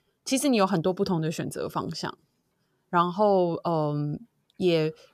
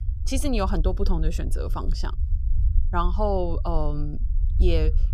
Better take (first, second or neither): first